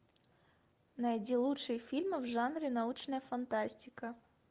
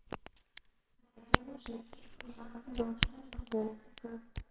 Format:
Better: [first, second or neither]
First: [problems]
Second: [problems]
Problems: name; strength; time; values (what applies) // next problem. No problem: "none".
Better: first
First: none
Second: noise reduction (neural separator model SepFormer WHAMR!)